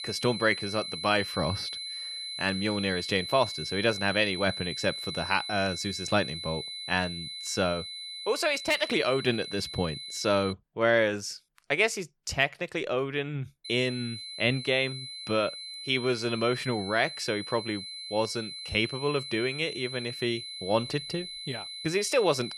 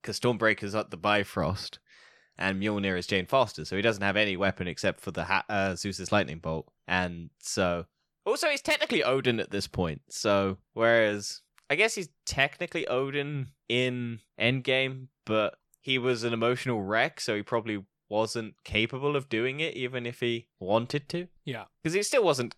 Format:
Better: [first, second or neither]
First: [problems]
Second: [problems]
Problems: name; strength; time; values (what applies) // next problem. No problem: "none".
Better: second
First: high-pitched whine; loud; until 11 s and from 14 s on; 4 kHz, 7 dB below the speech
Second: none